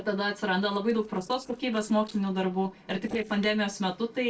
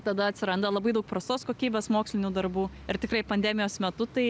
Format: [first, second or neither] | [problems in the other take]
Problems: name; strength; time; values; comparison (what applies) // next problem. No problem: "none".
second | noise reduction (neural separator model SepFormer DNS4)